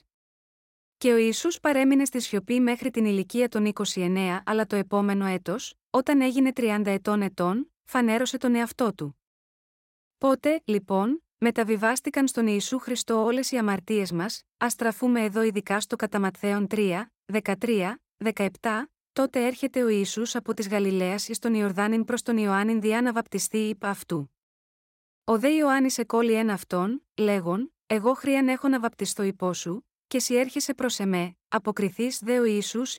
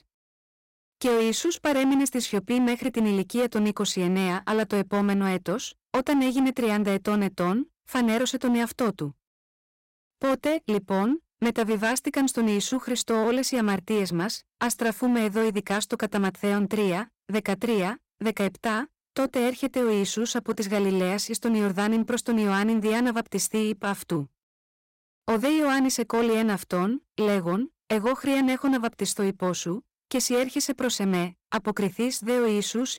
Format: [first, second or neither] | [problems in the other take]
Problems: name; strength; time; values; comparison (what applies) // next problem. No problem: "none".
first | distortion; slight; 12% of the sound clipped